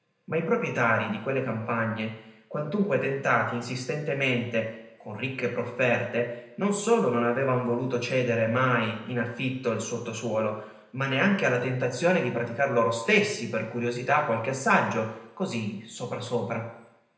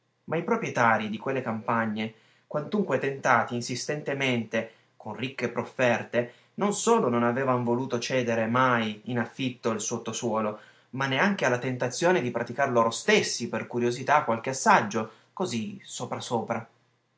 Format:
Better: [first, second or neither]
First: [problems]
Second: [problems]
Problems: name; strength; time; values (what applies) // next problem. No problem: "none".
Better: second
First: room echo; dies away in 0.9 s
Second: none